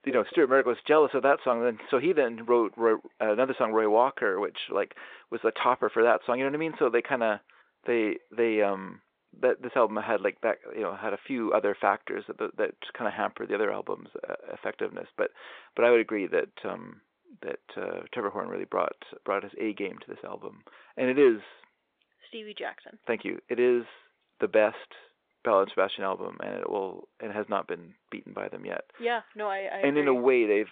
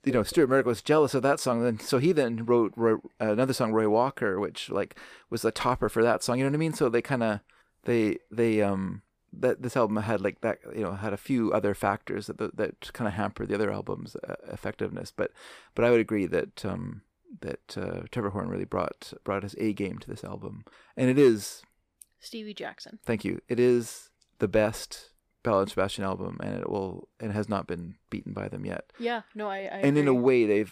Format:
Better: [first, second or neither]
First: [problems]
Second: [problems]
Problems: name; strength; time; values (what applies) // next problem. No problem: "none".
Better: second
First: phone-call audio; nothing above 3.5 kHz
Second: none